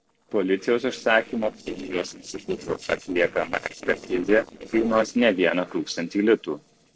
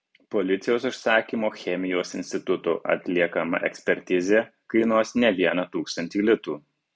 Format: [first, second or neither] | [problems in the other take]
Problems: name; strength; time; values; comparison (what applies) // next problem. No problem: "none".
second | noise reduction (neural separator model SepFormer DNS4)